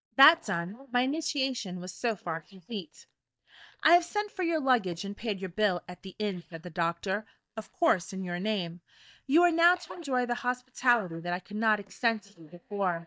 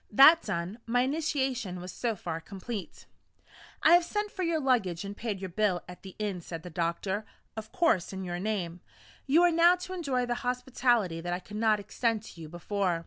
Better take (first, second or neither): second